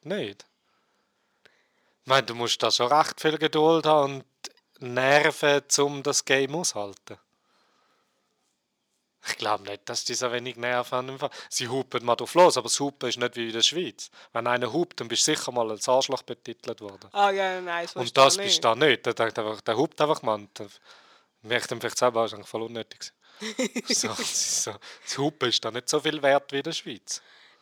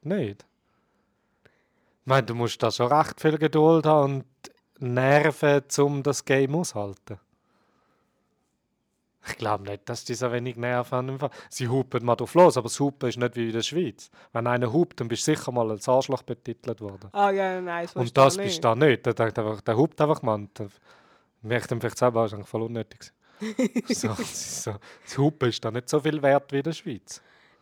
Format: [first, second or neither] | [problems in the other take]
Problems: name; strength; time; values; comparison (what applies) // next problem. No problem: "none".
second | thin; very slightly; fading below 500 Hz